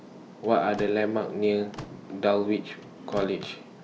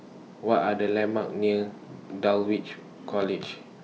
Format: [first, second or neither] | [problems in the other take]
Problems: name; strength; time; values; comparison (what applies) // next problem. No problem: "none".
second | background sound (Slam / Microwave oven); 18 dB below the speech